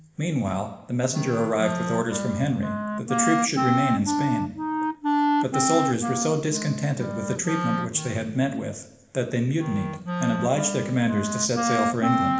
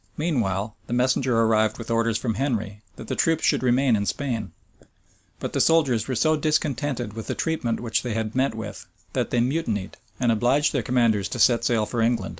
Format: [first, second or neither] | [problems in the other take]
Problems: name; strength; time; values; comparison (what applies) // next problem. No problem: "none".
second | background sound (Wind instrument, woodwind instrument); 2 dB below the speech // room echo; dies away in 1 s